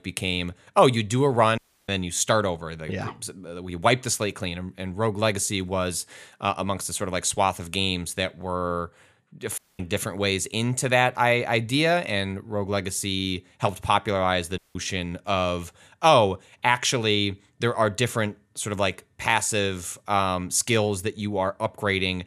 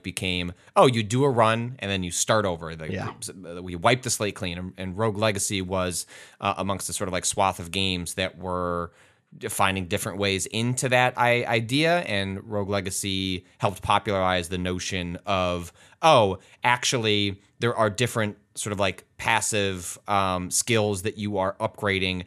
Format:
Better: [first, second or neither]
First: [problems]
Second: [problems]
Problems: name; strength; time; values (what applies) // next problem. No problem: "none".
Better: second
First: audio cutting out; at 1.5 s, at 9.5 s and at 15 s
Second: none